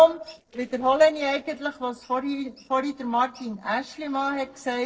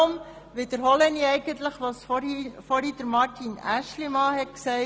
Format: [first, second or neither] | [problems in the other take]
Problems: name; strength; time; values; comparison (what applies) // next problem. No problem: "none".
second | noise reduction (neural separator model SepFormer DNS4)